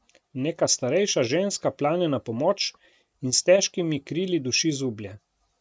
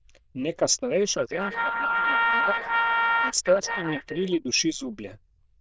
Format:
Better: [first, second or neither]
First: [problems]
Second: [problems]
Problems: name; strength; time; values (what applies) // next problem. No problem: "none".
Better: first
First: none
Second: noise reduction (neural diffusion model UNIVERSE++)